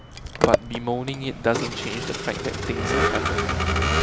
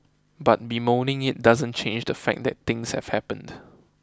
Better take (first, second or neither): second